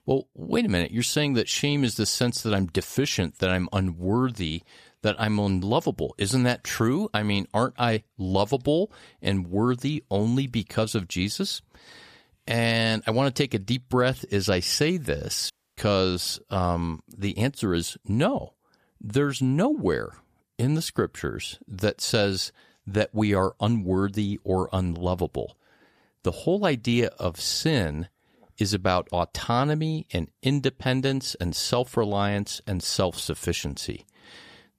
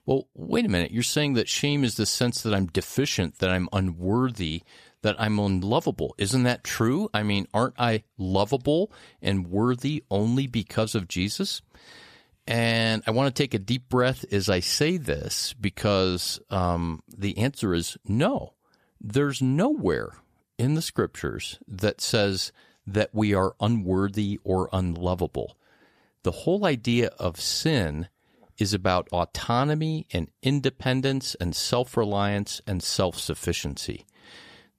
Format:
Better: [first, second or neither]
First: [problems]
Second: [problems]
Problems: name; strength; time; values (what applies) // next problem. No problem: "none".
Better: second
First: audio cutting out; at 16 s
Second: none